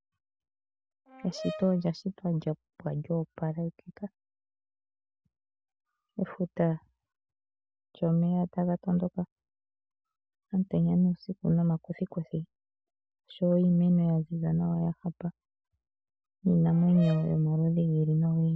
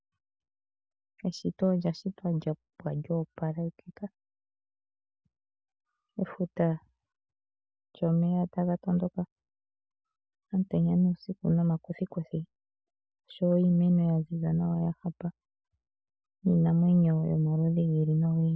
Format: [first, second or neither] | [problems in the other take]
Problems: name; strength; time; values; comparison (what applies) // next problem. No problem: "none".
second | background sound (Brass instrument); 15 dB below the speech